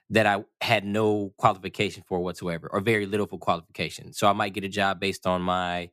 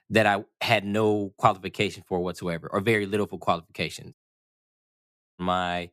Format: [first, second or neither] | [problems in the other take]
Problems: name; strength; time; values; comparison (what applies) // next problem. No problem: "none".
first | audio cutting out; at 4 s for 1 s